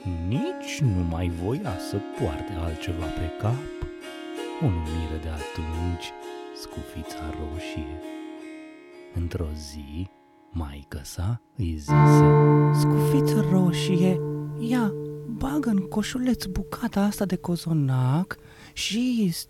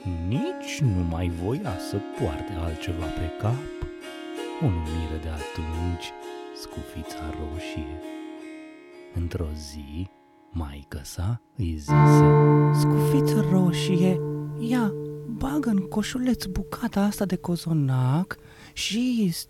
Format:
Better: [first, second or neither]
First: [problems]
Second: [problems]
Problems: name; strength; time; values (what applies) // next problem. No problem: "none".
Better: neither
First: background music; very loud; throughout; 2 dB above the speech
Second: background music; very loud; throughout; 2 dB above the speech